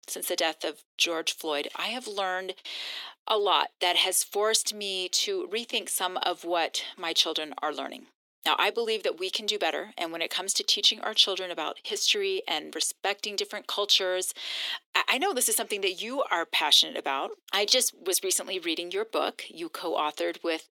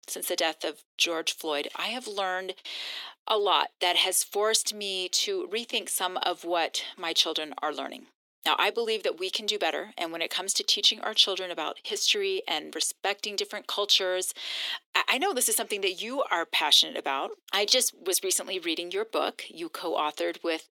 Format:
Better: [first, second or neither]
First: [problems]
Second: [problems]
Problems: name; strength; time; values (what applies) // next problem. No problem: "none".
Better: neither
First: thin; very; fading below 350 Hz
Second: thin; very; fading below 350 Hz